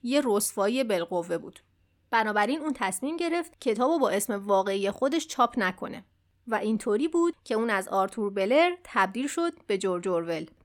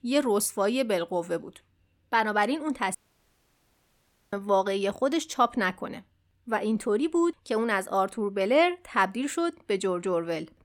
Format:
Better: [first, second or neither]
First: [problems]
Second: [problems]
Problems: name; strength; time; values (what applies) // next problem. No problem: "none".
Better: first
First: none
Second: audio cutting out; at 3 s for 1.5 s